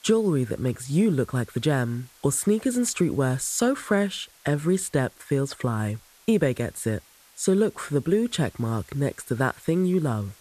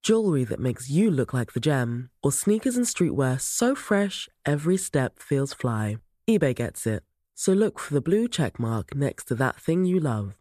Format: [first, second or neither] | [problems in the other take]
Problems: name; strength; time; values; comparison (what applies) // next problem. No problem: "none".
second | hiss; faint; throughout; 25 dB below the speech